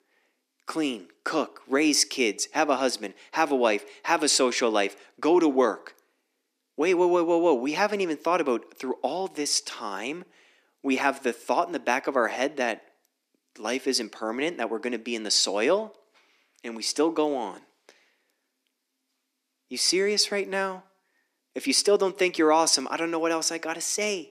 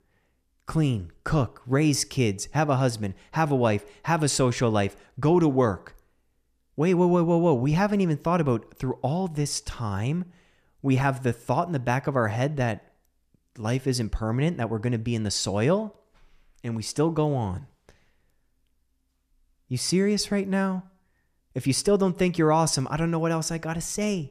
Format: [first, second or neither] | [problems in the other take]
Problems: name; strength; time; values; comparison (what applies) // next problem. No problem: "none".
second | thin; somewhat; fading below 250 Hz